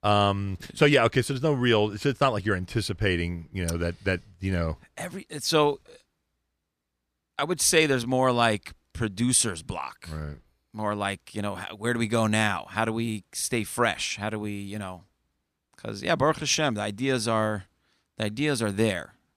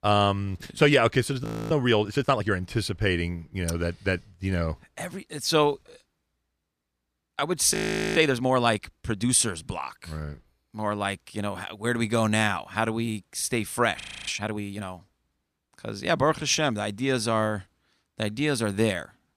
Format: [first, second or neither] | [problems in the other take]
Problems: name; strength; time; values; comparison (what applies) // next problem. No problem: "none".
first | audio freezing; at 1.5 s, at 7.5 s and at 14 s